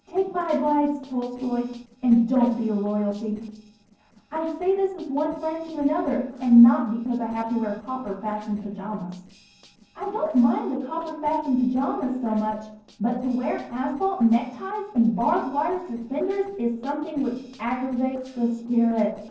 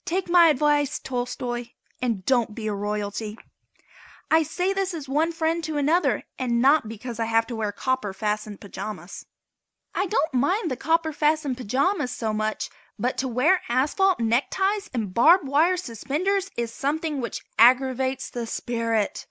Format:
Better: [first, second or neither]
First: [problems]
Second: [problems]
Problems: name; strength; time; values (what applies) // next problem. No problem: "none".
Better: second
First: noise reduction (neural separator model SepFormer DNS4)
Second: none